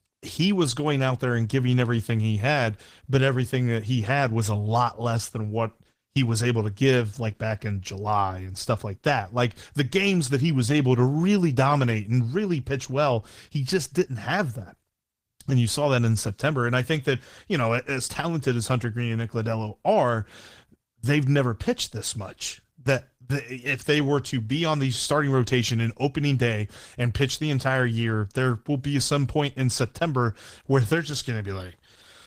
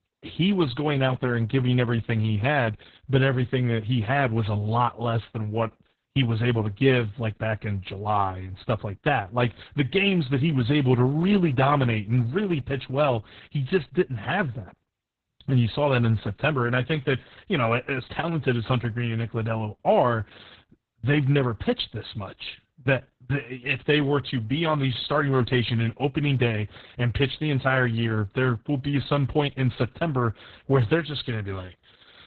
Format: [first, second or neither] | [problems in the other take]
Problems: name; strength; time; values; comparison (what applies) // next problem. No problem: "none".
first | garbled, watery; badly; nothing above 4 kHz; slightly in the first